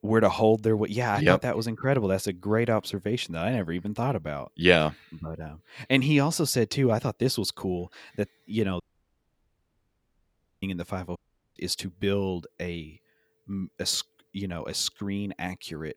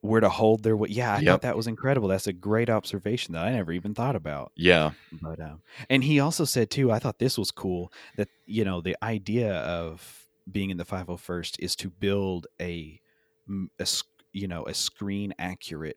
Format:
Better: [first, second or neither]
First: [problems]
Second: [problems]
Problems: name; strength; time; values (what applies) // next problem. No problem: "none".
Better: second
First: audio cutting out; at 9 s for 2 s and at 11 s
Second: none